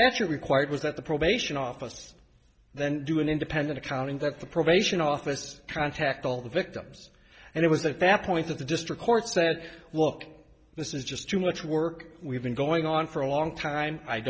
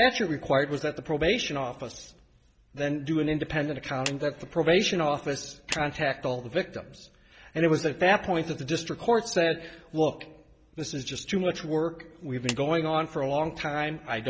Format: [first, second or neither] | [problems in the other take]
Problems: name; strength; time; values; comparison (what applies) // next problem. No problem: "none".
first | background sound (Clapping); 14 dB below the speech